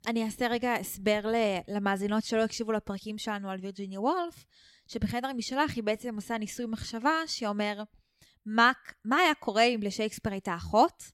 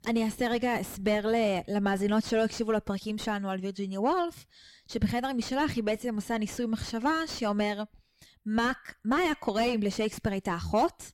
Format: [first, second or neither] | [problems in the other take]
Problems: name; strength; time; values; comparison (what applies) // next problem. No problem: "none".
first | distortion; heavy; 6 dB below the speech